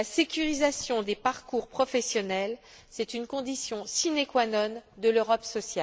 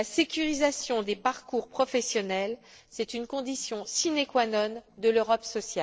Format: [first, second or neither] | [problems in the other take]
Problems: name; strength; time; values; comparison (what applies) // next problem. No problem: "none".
first | noise reduction (neural separator model SepFormer DNS4)